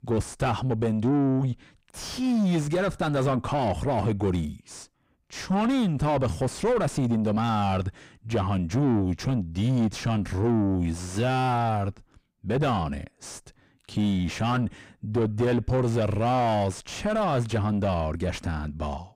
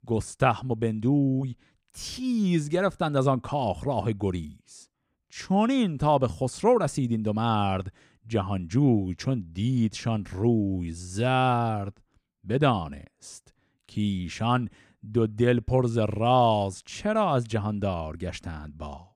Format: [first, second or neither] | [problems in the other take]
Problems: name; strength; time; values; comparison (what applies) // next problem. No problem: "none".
second | distortion; heavy; 5 dB below the speech